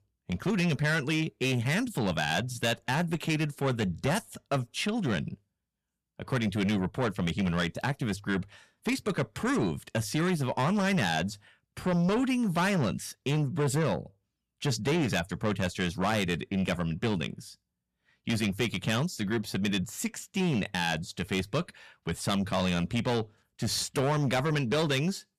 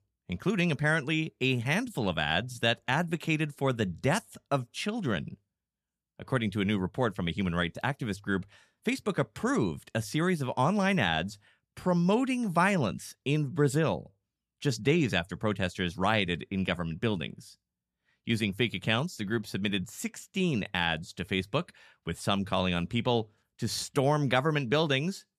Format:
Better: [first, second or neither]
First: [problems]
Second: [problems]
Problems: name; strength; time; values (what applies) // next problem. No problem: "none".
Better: second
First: distortion; heavy; 8 dB below the speech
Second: none